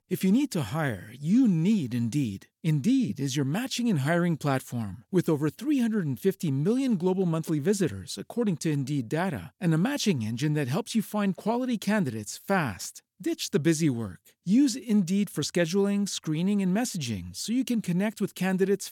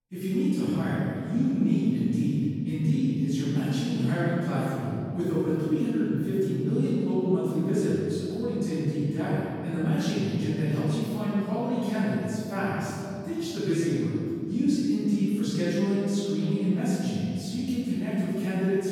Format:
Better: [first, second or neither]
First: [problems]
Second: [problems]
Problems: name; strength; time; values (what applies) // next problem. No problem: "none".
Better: first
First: none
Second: off-mic speech; far // room echo; strong; dies away in 2.9 s